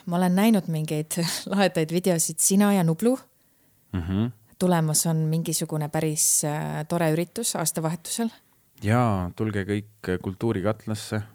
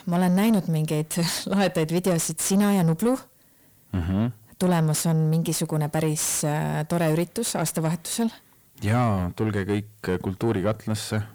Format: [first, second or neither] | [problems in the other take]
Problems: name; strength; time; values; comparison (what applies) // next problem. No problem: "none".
first | distortion; slight; 10 dB below the speech